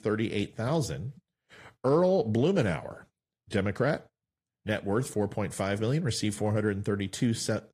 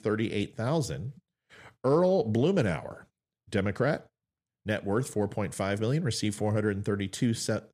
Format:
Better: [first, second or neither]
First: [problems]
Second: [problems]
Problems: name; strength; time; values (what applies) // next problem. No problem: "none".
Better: second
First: garbled, watery; slightly; nothing above 14.5 kHz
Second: none